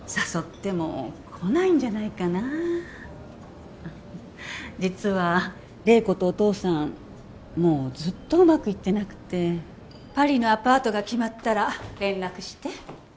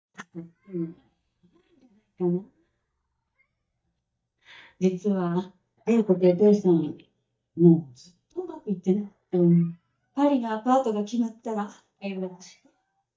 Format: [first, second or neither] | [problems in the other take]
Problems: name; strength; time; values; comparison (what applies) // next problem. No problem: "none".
first | noise reduction (neural mask model DeepFilterNet 3)